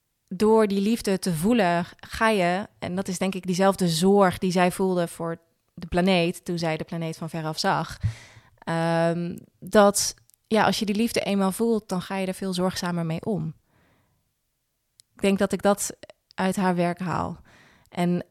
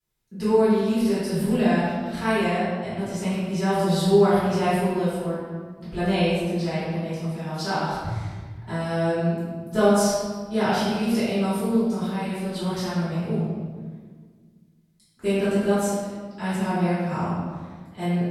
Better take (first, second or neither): first